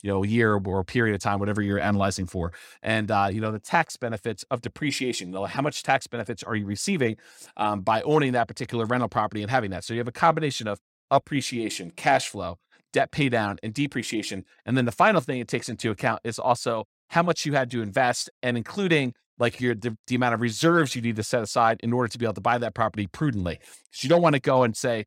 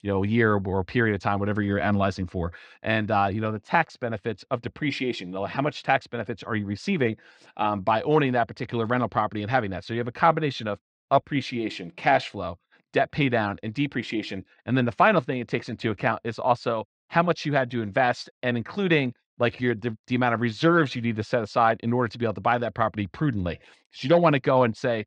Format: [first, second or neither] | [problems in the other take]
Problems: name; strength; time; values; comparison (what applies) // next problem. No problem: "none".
first | muffled; slightly; fading above 4 kHz